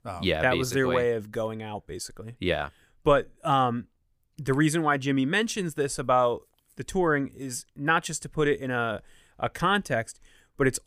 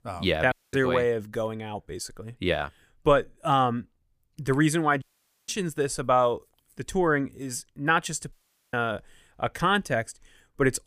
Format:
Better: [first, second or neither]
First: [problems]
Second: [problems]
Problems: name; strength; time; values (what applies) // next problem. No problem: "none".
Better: first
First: none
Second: audio cutting out; at 0.5 s, at 5 s and at 8.5 s